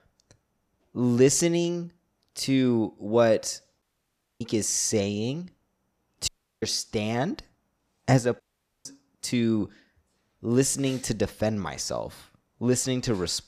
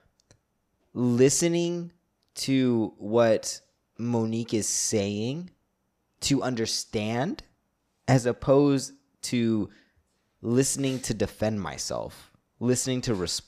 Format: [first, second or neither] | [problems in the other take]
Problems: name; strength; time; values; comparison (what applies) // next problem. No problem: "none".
second | audio cutting out; at 4 s for 0.5 s, at 6.5 s and at 8.5 s